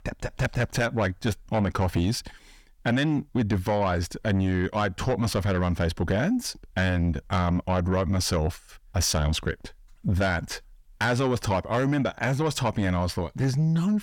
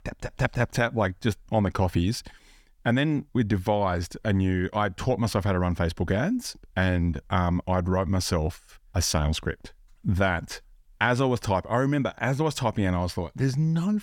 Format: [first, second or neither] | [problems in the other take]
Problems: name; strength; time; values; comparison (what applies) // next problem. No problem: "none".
second | distortion; slight; 10 dB below the speech